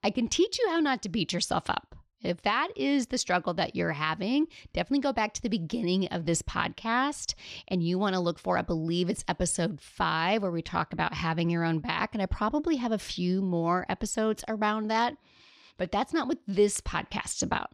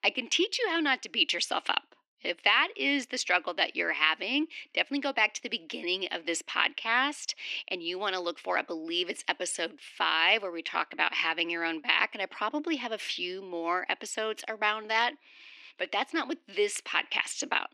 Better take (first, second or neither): first